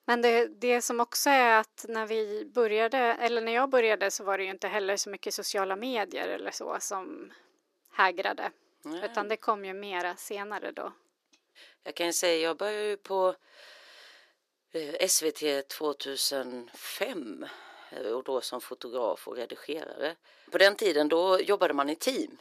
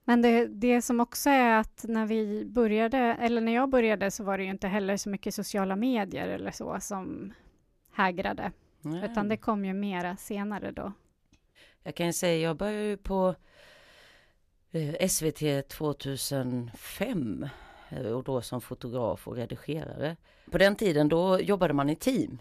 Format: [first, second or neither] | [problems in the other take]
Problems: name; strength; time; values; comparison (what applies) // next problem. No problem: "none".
second | thin; somewhat; fading below 350 Hz